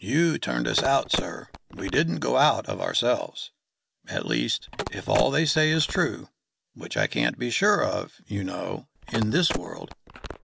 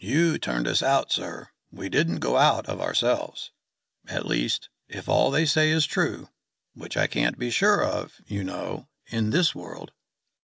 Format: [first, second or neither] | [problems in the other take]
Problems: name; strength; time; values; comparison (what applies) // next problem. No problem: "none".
second | background sound (Telephone); 9 dB below the speech